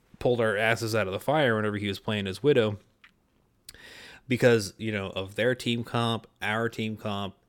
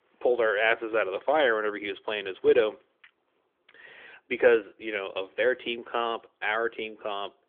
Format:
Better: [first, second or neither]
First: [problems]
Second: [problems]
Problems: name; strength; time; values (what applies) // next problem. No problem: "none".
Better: first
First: none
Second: phone-call audio; nothing above 3.5 kHz